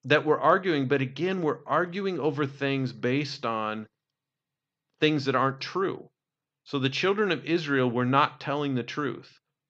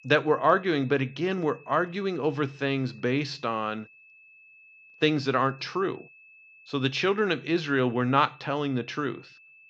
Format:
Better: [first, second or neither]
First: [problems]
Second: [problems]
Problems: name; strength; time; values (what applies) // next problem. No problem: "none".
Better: first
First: none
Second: high-pitched whine; faint; throughout; 2.5 kHz, 25 dB below the speech